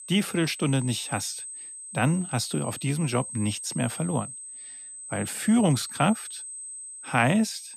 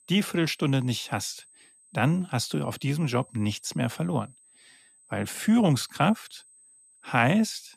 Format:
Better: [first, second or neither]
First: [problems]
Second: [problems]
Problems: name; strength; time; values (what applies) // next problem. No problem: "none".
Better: second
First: high-pitched whine; loud; throughout; 8 kHz, 10 dB below the speech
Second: high-pitched whine; faint; throughout; 8 kHz, 25 dB below the speech